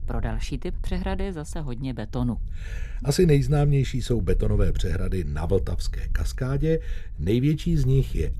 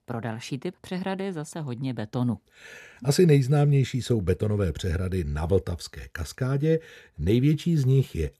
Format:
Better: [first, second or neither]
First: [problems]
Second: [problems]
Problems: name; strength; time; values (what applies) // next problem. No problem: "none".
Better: second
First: wind noise on the microphone; occasional gusts; 25 dB below the speech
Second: none